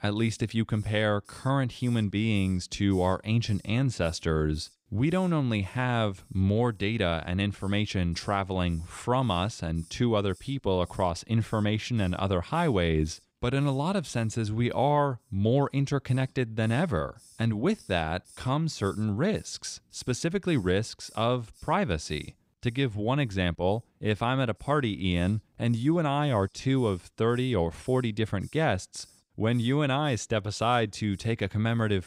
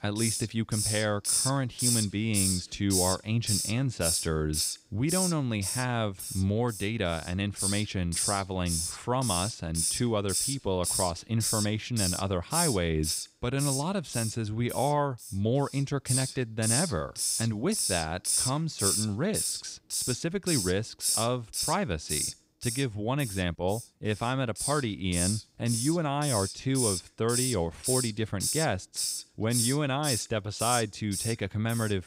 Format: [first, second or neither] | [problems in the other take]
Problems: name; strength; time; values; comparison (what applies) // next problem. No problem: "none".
first | hiss; loud; throughout; as loud as the speech; faint in the first